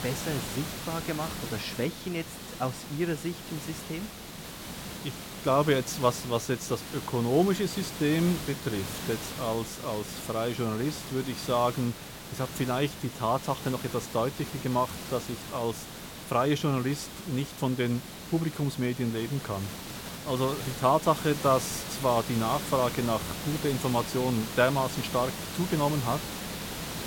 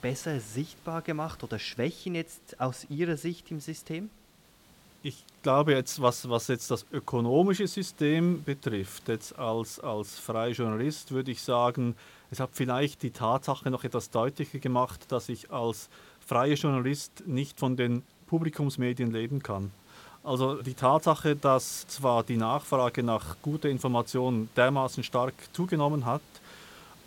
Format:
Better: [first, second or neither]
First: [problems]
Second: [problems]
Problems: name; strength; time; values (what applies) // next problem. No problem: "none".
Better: second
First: hiss; loud; throughout; 8 dB below the speech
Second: hiss; faint; throughout; 25 dB below the speech